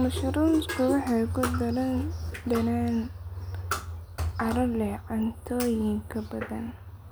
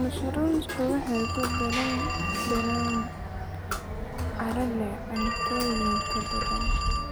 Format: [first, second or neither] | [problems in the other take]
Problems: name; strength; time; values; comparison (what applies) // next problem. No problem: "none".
first | background sound (Telephone); 1 dB below the speech